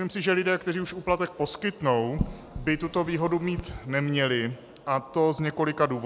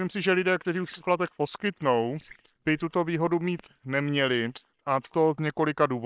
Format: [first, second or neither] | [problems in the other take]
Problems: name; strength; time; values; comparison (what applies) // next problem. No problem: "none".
first | noise reduction (neural separator model SepFormer WHAM!)